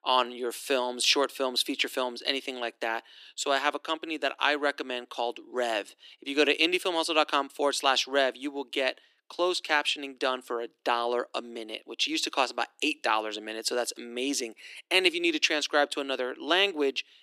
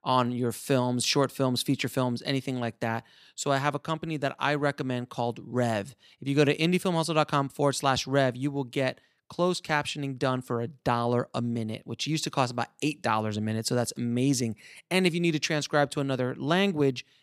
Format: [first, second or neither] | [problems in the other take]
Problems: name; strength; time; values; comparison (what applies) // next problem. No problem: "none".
second | thin; somewhat; fading below 300 Hz